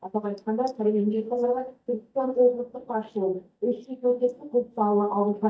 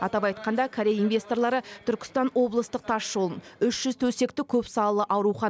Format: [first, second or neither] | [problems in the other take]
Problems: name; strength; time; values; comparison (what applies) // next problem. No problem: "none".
second | noise reduction (neural mask model DeepFilterNet 3)